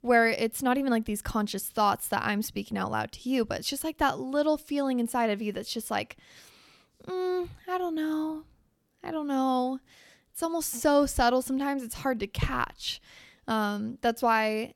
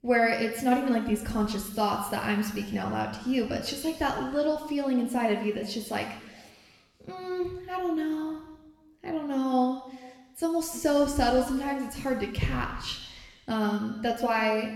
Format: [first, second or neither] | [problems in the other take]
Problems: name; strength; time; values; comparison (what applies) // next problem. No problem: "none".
first | room echo; noticeable; dies away in 1.2 s // off-mic speech; somewhat distant